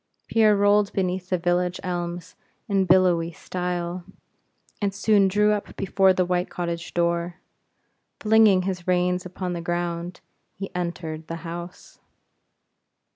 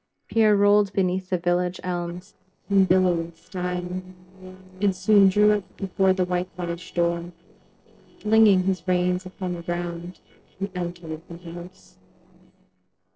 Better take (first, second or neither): first